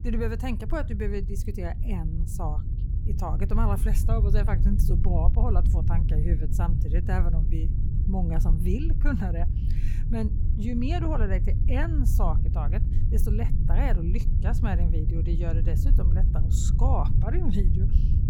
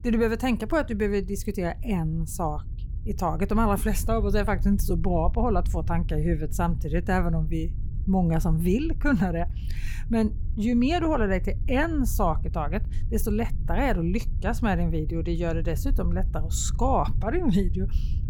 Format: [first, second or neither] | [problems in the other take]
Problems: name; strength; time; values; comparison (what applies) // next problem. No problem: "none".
second | low rumble; loud; throughout; 7 dB below the speech; faint in the second